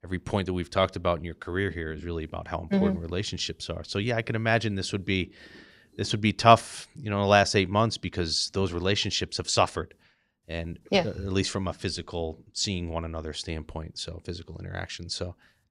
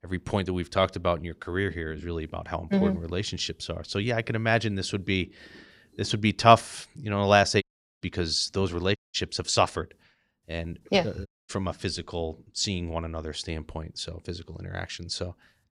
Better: first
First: none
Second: audio cutting out; at 7.5 s, at 9 s and at 11 s

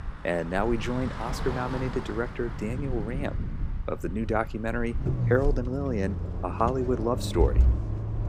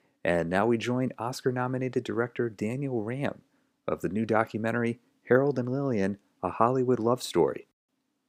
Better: second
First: traffic noise; loud; throughout; 2 dB below the speech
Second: none

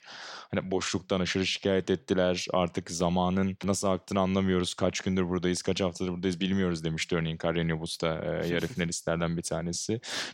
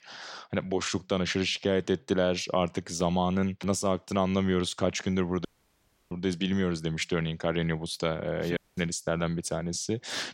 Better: first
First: none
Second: audio cutting out; at 5.5 s for 0.5 s and at 8.5 s

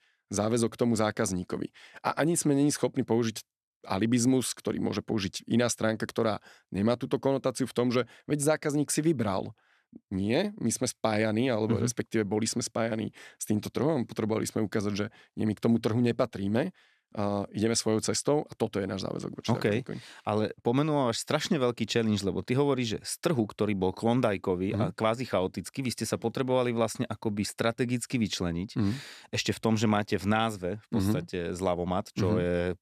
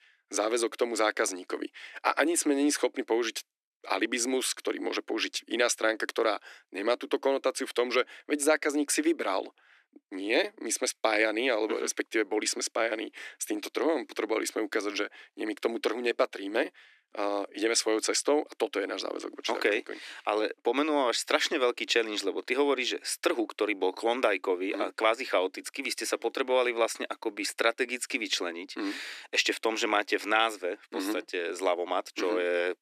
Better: first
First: none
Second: thin; somewhat; fading below 300 Hz

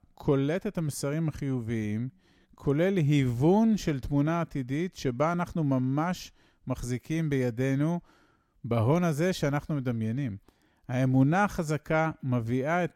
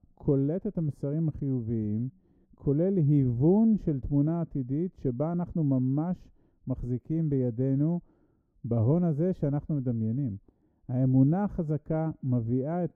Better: first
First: none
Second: muffled; very; fading above 1 kHz

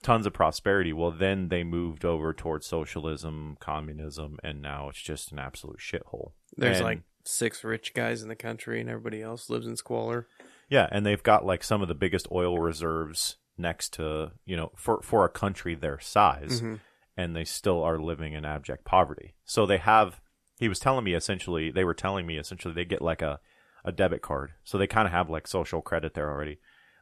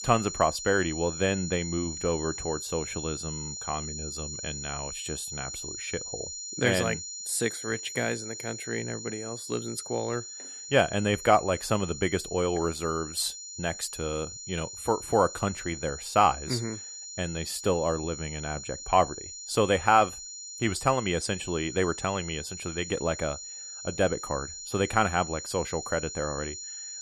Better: first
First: none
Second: high-pitched whine; loud; throughout; 7 kHz, 8 dB below the speech

